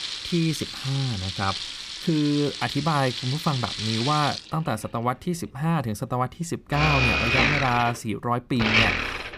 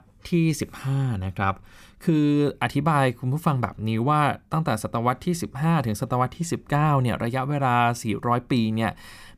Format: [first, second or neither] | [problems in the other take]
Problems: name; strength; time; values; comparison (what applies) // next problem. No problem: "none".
second | household noises; very loud; throughout; as loud as the speech